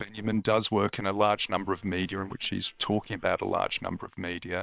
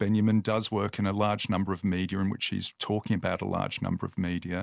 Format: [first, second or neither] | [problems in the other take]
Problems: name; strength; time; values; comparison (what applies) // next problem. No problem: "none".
second | noise reduction (neural separator model SepFormer WHAM!)